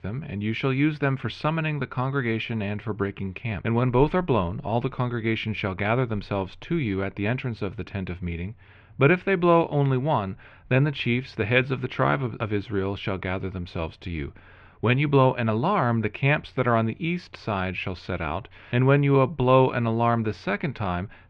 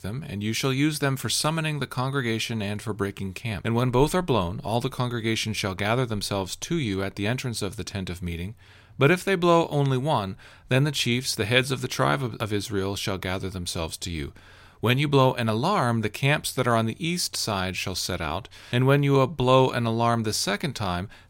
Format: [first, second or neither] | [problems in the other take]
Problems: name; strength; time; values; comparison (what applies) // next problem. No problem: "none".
second | muffled; very; fading above 2.5 kHz